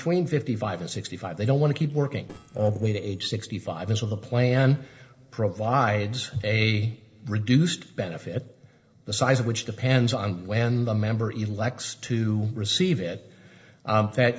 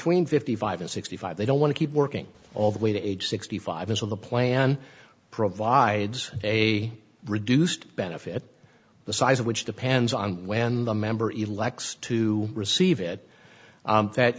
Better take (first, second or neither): second